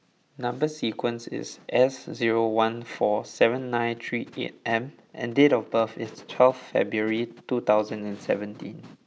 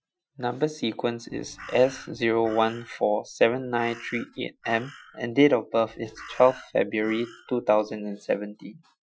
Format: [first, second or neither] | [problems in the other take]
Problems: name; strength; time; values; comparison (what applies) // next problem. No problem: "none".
first | noise reduction (classical method Wiener filter)